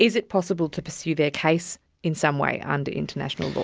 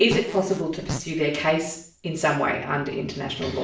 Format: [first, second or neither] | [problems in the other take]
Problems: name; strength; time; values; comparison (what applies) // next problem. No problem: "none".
first | background sound (Fart); 8 dB below the speech // room echo; dies away in 0.5 s